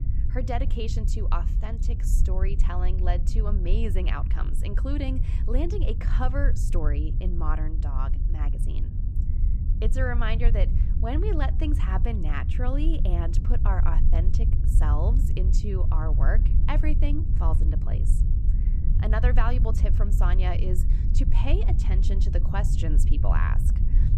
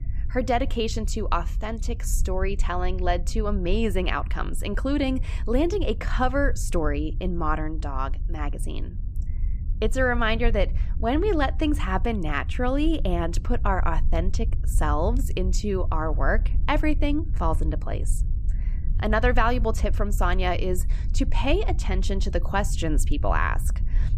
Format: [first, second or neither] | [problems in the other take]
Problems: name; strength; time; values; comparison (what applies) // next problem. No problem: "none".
second | low rumble; loud; throughout; 8 dB below the speech; faint in the second